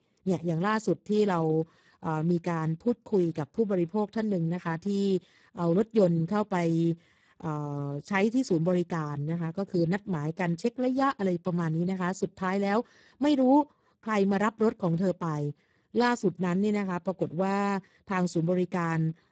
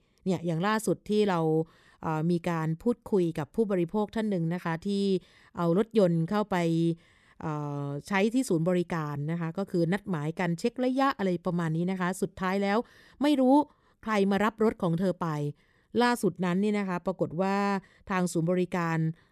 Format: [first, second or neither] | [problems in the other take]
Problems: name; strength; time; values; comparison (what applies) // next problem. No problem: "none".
second | garbled, watery; badly; nothing above 7.5 kHz